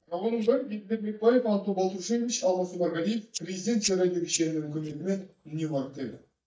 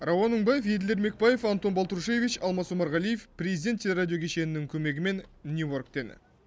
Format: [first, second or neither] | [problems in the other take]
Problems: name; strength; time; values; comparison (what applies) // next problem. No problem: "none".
second | noise reduction (neural mask model DeepFilterNet 3)